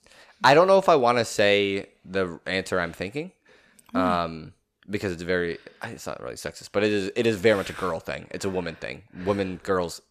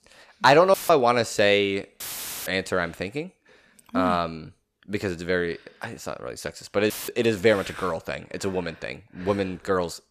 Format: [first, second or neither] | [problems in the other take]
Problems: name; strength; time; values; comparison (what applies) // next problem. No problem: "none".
first | audio cutting out; filled with static; at 0.5 s, at 2 s and at 7 s